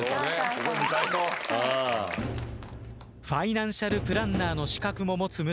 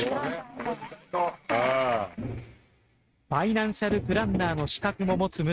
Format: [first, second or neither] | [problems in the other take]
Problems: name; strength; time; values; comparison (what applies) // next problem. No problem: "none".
first | noise reduction (neural mask model RNNoise)